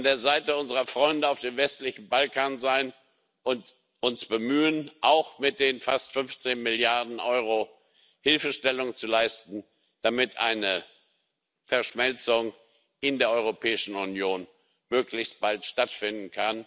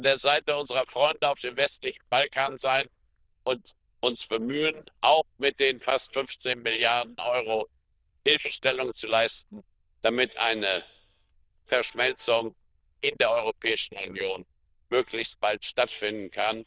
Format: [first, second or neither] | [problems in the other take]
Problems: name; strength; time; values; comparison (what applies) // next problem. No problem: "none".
first | noise reduction (neural diffusion model UNIVERSE++)